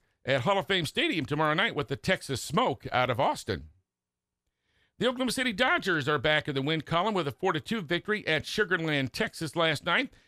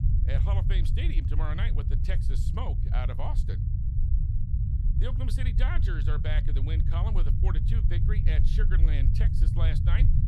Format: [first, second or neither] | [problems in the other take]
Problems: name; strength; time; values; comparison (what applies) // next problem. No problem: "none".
first | low rumble; loud; throughout; 4 dB below the speech